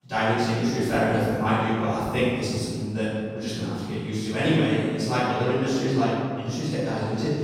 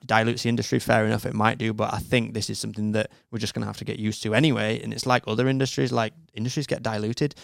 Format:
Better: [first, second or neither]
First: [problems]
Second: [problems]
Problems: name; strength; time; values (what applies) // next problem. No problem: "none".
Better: second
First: room echo; strong; dies away in 1.9 s // off-mic speech; far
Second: none